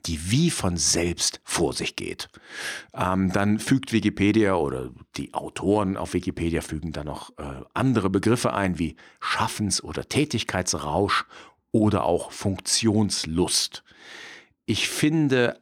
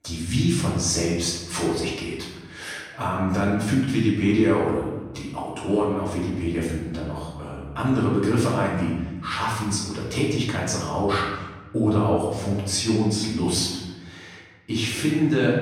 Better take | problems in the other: first | off-mic speech; far // room echo; noticeable; dies away in 1.2 s

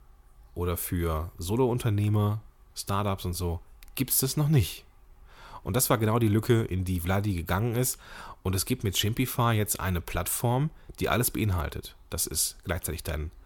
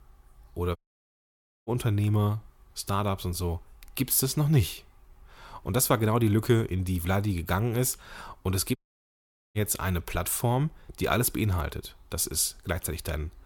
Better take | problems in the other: first | audio cutting out; at 1 s for 1 s and at 9 s for 1 s

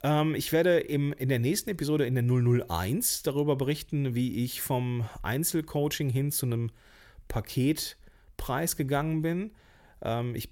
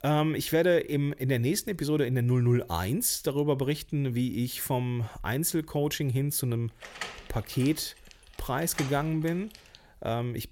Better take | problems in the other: first | door banging; noticeable; from 7 to 10 s; peak 9 dB below the speech

